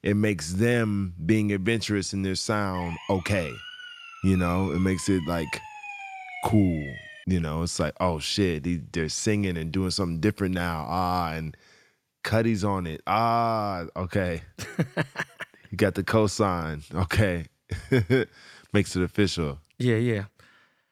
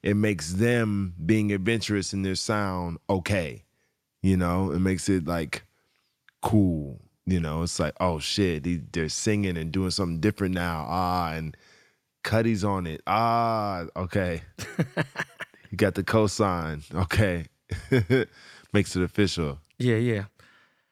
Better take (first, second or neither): second